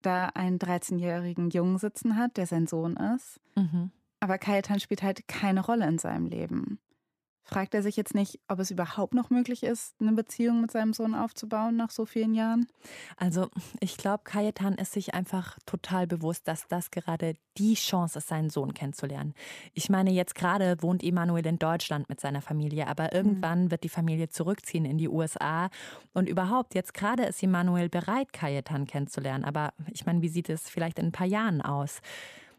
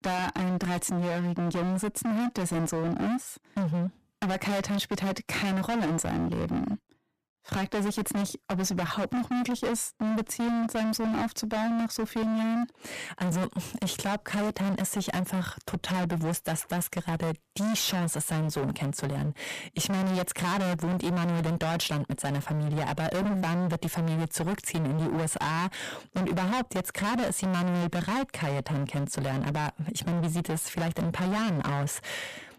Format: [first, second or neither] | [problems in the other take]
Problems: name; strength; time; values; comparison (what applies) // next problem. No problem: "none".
first | distortion; heavy; 36% of the sound clipped